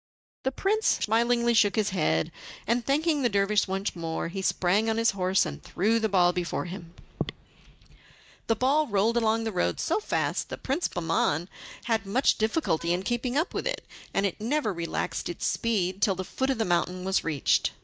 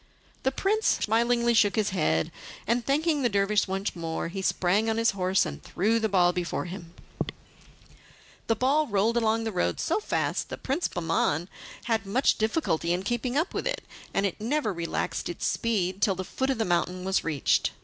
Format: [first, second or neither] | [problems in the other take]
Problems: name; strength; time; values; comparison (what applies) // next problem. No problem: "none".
second | noise reduction (neural mask model DeepFilterNet 3)